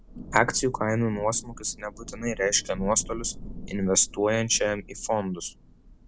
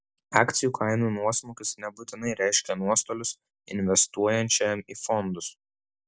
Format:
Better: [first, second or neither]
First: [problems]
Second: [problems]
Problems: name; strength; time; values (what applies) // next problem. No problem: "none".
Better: second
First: background sound (Thunder / Rain); 14 dB below the speech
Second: none